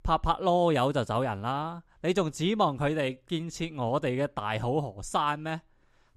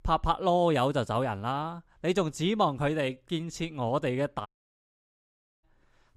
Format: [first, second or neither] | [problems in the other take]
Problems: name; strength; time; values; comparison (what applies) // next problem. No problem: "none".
first | audio cutting out; at 4.5 s for 1 s